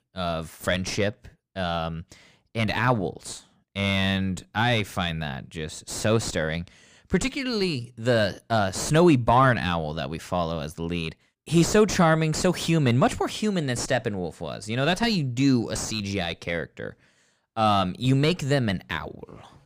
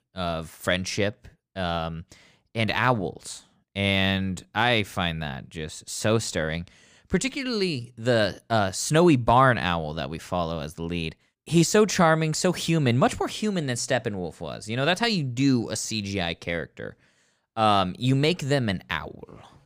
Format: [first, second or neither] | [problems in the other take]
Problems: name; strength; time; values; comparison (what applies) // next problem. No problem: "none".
second | distortion; slight; 8 dB below the speech